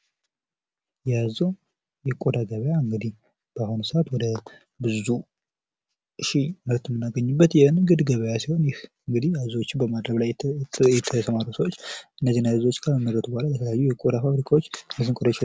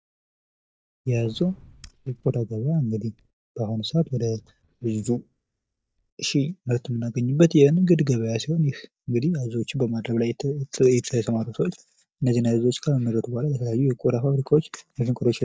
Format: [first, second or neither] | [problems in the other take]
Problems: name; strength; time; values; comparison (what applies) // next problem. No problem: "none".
first | noise reduction (neural mask model DeepFilterNet 3)